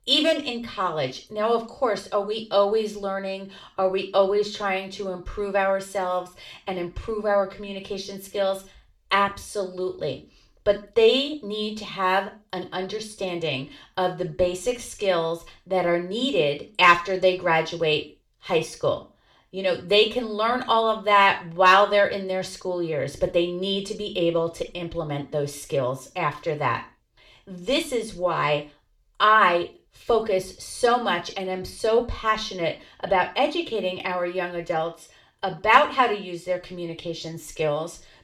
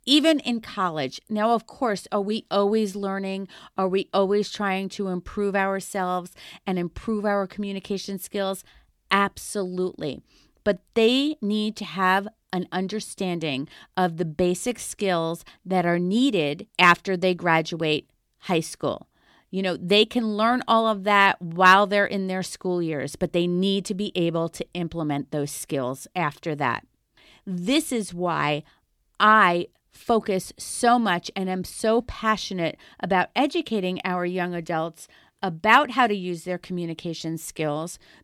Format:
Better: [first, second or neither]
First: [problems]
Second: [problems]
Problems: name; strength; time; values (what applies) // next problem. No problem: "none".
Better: second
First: room echo; very slight; dies away in 0.3 s // off-mic speech; somewhat distant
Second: none